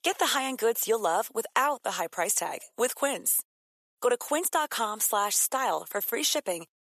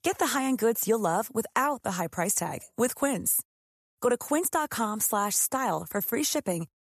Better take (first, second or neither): second